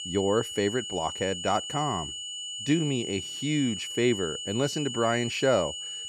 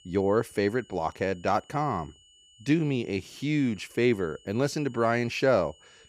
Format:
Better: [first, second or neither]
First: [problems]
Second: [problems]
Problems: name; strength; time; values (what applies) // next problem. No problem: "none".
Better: second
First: high-pitched whine; loud; throughout; 3 kHz, 6 dB below the speech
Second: high-pitched whine; faint; throughout; 3 kHz, 30 dB below the speech